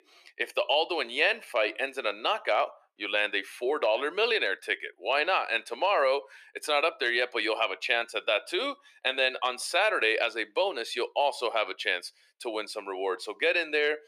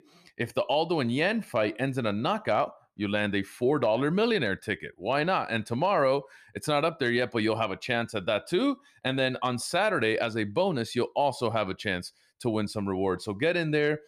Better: second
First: thin; very; fading below 400 Hz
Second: none

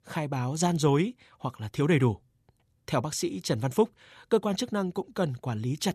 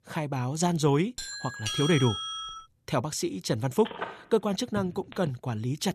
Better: first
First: none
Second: doorbell; noticeable; from 1 to 2.5 s; peak 2 dB below the speech // phone ringing; noticeable; from 4 to 5.5 s; peak 9 dB below the speech

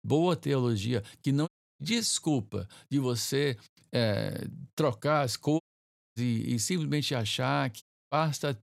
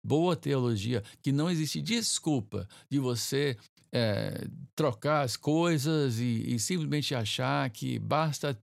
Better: second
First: audio cutting out; at 1.5 s, at 5.5 s for 0.5 s and at 8 s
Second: none

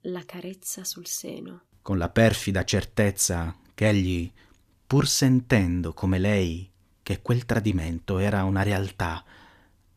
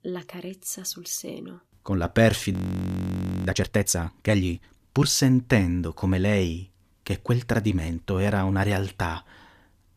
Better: first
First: none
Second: audio freezing; at 2.5 s for 1 s

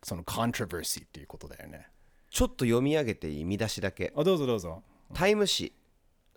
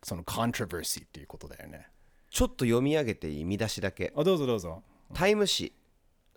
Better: neither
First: none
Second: none

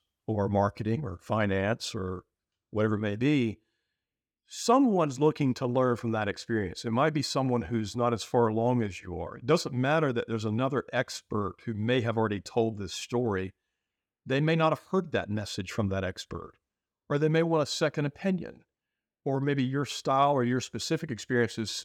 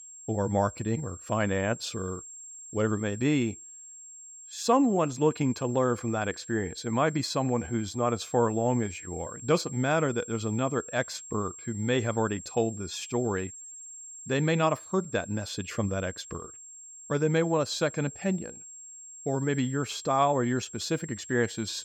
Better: first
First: none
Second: high-pitched whine; noticeable; throughout; 7.5 kHz, 15 dB below the speech

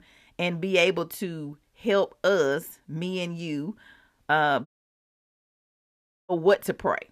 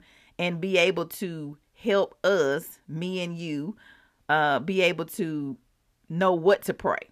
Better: second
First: audio cutting out; at 4.5 s for 1.5 s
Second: none

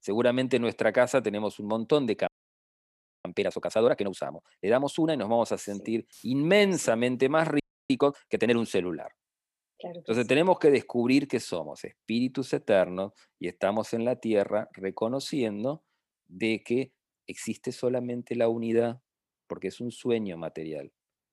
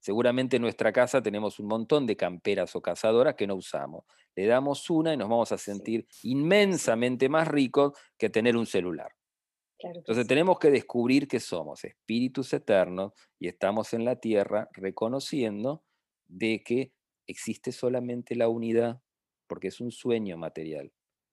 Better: second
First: audio freezing; at 2.5 s for 1 s and at 7.5 s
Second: none

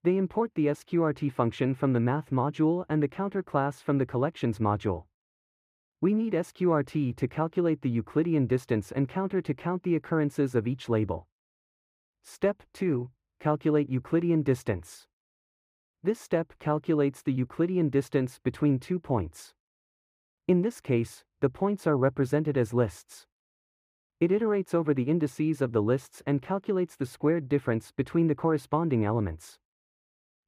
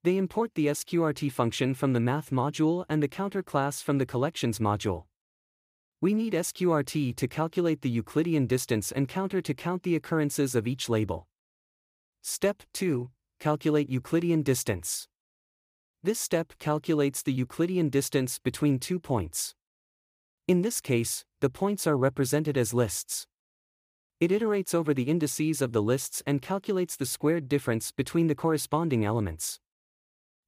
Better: second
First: muffled; very; fading above 3 kHz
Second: none

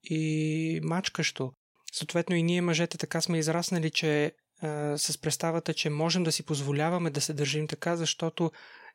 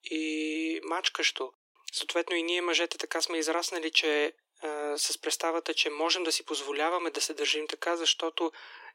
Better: first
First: none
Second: thin; very; fading below 300 Hz

